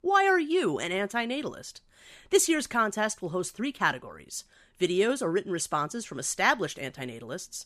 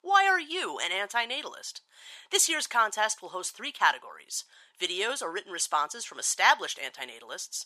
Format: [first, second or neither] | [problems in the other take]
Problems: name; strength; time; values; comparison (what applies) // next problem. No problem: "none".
first | thin; very; fading below 750 Hz